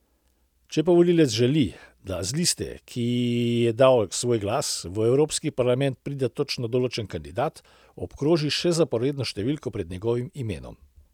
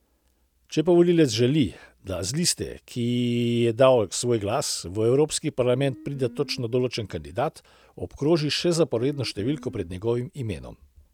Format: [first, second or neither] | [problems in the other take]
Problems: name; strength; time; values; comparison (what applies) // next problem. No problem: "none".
first | background sound (Guitar); 19 dB below the speech